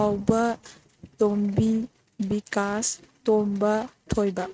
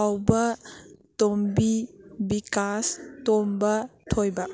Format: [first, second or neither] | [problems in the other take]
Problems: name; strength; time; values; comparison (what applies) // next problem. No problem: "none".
second | noise reduction (neural mask model RNNoise)